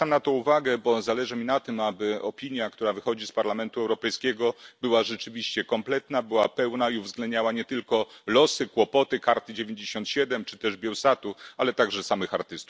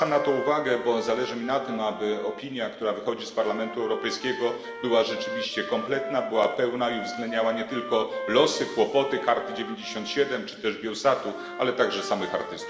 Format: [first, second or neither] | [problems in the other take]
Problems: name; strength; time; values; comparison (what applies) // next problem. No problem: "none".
first | background sound (Wind instrument, woodwind instrument); 10 dB below the speech // room echo; dies away in 1.7 s